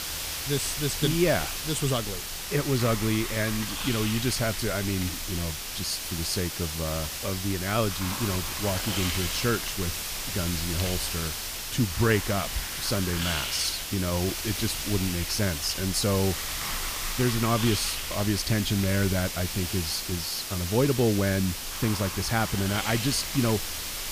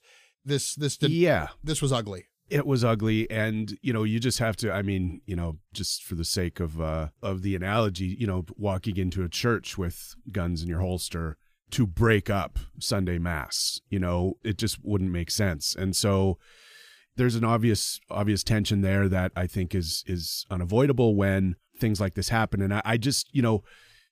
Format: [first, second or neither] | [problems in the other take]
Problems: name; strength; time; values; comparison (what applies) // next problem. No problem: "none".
second | hiss; loud; throughout; 3 dB below the speech